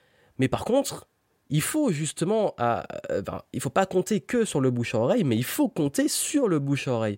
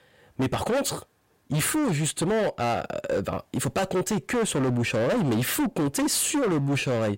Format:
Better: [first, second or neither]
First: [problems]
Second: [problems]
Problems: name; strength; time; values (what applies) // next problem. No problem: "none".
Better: first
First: none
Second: distortion; heavy; 24% of the sound clipped